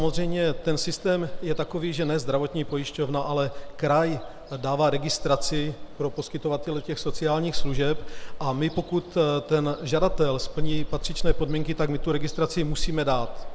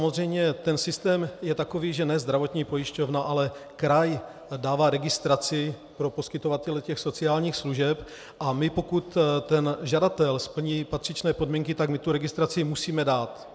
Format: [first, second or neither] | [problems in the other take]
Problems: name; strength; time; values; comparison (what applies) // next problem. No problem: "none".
second | background sound (Ocean); 2 dB below the speech